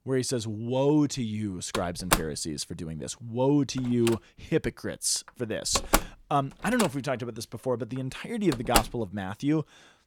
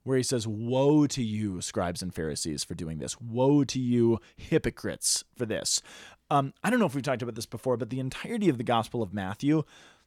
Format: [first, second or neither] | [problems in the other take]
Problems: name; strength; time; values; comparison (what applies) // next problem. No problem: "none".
second | door banging; loud; from 1.5 to 9 s; peak 3 dB above the speech